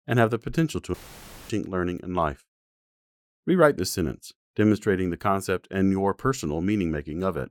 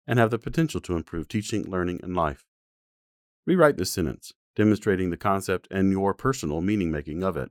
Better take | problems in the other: second | audio cutting out; filled with static; at 1 s for 0.5 s

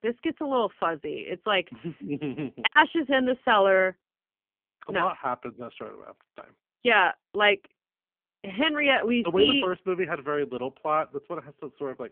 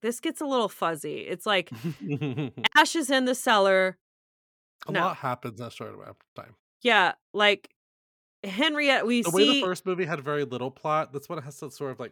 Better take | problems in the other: second | phone-call audio; poor line; nothing above 3 kHz

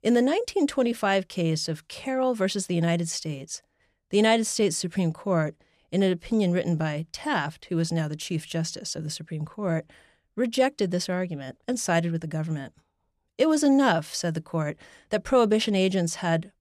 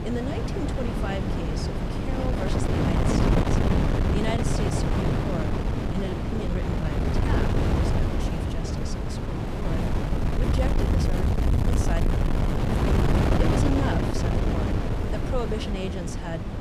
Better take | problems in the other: first | wind noise on the microphone; heavy; 5 dB above the speech

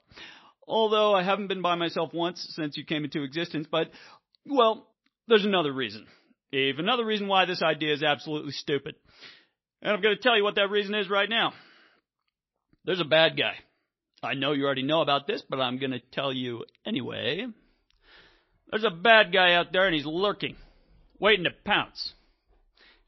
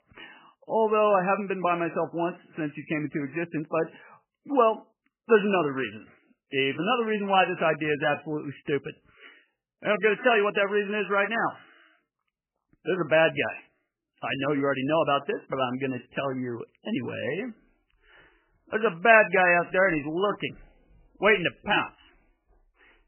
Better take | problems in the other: first | garbled, watery; badly; nothing above 3 kHz; slightly in the first

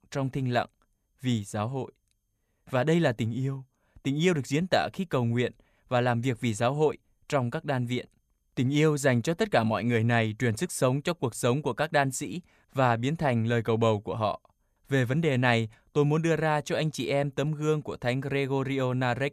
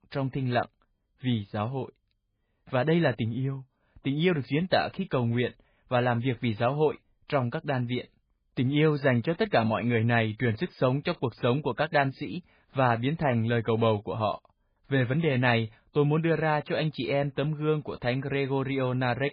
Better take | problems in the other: first | garbled, watery; badly; nothing above 4 kHz

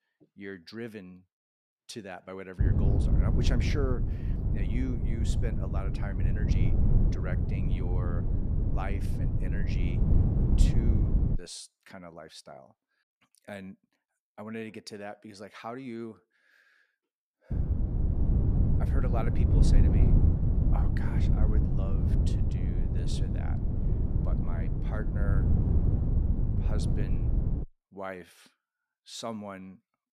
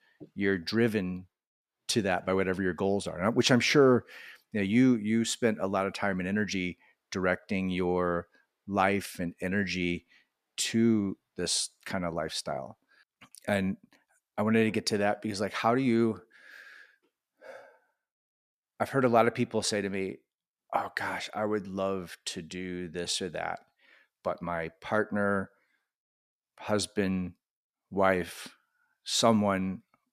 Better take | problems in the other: second | wind noise on the microphone; heavy; from 2.5 to 11 s and from 18 to 28 s; 1 dB above the speech

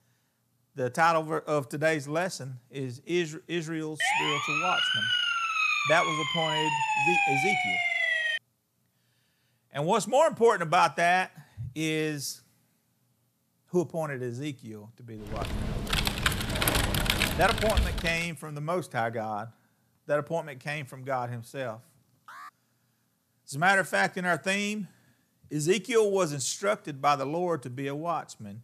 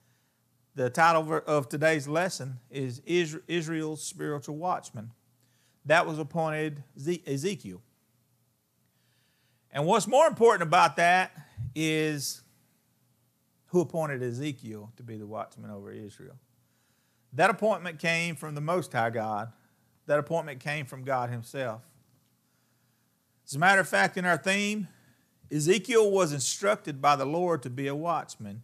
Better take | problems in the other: second | siren; loud; from 4 to 8.5 s; peak 6 dB above the speech // keyboard typing; loud; from 15 to 18 s; peak 3 dB above the speech // alarm; faint; at 22 s; peak 20 dB below the speech

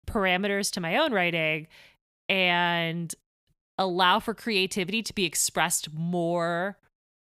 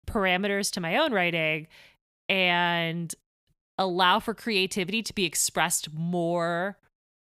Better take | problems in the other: neither | none

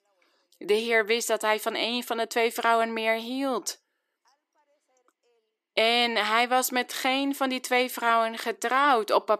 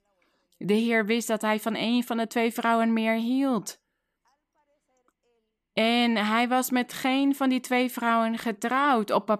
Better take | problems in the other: second | thin; somewhat; fading below 350 Hz

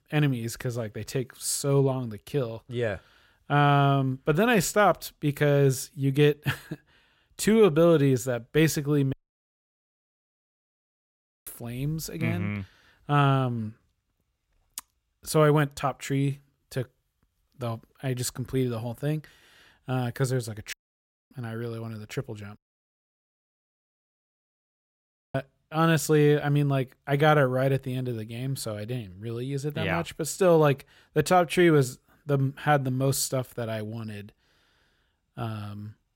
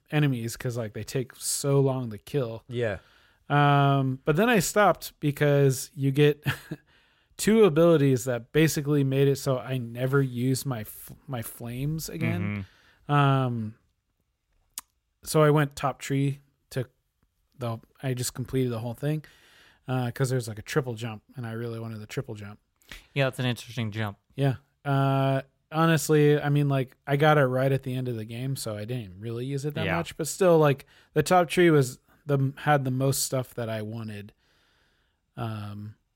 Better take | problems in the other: second | audio cutting out; at 9 s for 2.5 s, at 21 s for 0.5 s and at 23 s for 3 s

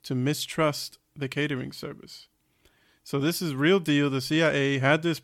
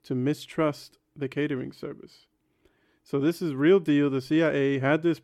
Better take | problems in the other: first | muffled; slightly; fading above 3 kHz

